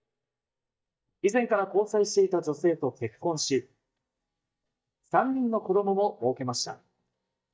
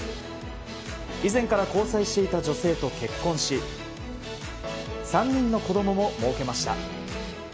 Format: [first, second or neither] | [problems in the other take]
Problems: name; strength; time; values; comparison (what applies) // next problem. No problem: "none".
second | noise reduction (neural mask model DeepFilterNet 3)